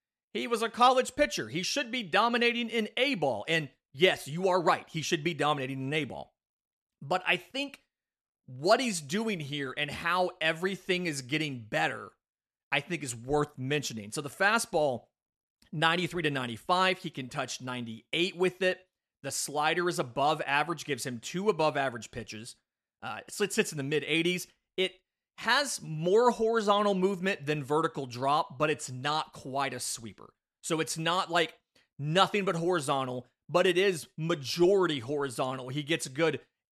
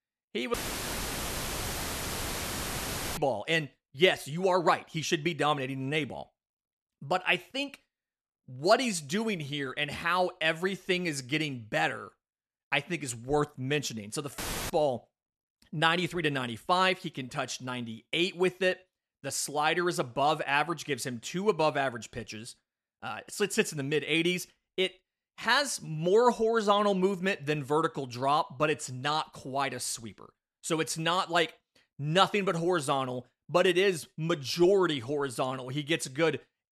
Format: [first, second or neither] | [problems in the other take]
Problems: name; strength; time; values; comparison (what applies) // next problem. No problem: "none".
first | audio cutting out; filled with static; at 0.5 s for 2.5 s and at 14 s